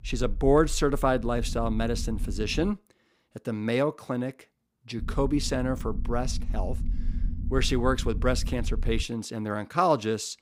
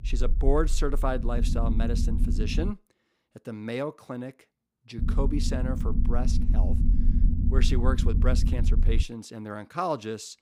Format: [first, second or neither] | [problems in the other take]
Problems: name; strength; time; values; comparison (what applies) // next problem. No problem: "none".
first | low rumble; loud; until 2.5 s and from 5 to 9 s; 8 dB below the speech; faint in the first